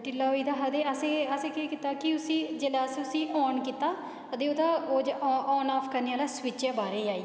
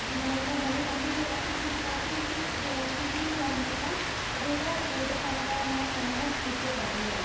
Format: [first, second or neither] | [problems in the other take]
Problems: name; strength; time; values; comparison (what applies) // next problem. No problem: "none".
first | background sound (Rain); 2 dB above the speech // room echo; dies away in 0.8 s